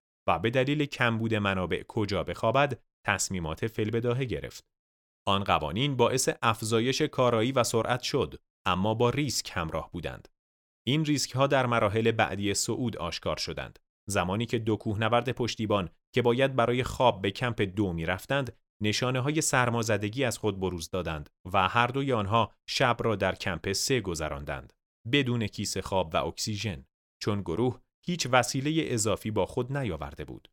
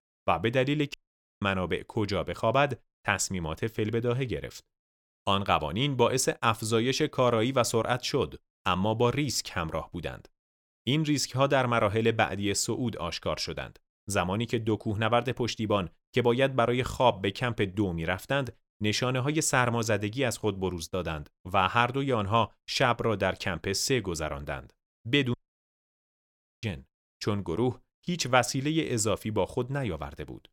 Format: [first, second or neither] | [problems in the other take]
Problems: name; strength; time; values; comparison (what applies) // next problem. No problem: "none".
first | audio cutting out; at 1 s and at 25 s for 1.5 s